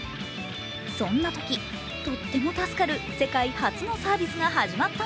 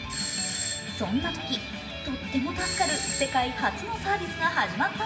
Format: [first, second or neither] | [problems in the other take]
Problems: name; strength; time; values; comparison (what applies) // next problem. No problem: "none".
first | background sound (Doorbell); 6 dB below the speech // room echo; dies away in 1 s